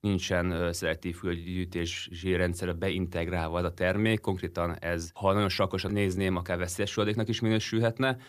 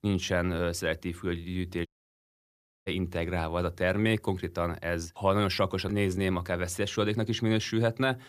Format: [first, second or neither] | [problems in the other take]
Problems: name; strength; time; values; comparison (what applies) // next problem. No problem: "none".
first | audio cutting out; at 2 s for 1 s